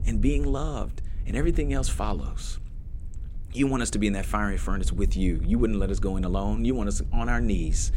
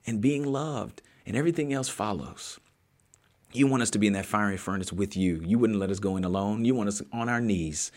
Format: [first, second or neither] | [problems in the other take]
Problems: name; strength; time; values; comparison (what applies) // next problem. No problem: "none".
second | wind noise on the microphone; occasional gusts; 20 dB below the speech